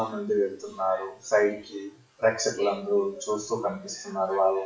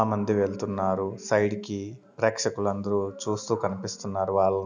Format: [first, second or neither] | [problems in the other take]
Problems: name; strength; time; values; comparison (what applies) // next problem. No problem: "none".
second | noise reduction (classical method WPE with log-MMSE)